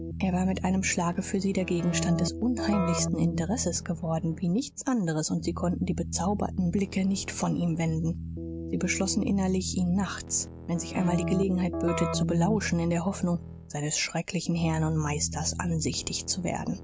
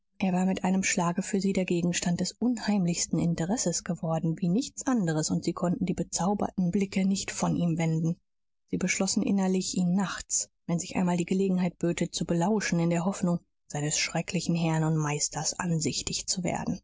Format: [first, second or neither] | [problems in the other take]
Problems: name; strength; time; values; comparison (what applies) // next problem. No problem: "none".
second | background sound (Keyboard (musical)); 7 dB below the speech